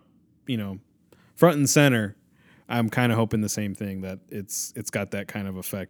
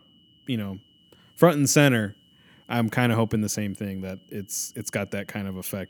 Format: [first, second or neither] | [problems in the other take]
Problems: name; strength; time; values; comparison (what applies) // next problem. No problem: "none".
first | high-pitched whine; faint; throughout; 3 kHz, 35 dB below the speech